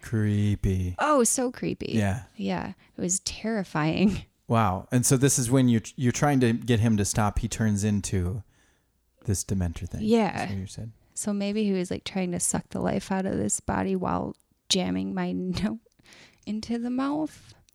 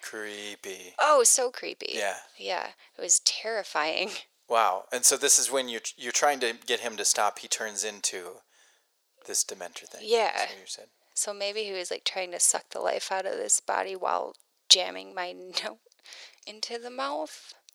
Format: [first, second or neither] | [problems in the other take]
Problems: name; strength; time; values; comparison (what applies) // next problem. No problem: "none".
first | thin; very; fading below 500 Hz